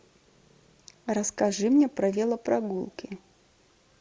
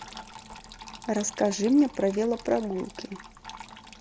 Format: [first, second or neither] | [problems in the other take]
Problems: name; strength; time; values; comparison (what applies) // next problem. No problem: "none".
first | background sound (Trickle, dribble / Water tap, faucet); 17 dB below the speech